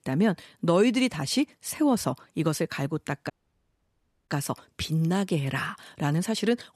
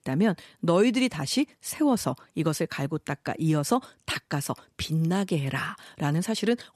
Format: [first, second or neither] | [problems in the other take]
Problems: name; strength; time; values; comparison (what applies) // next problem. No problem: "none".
second | audio cutting out; at 3.5 s for 1 s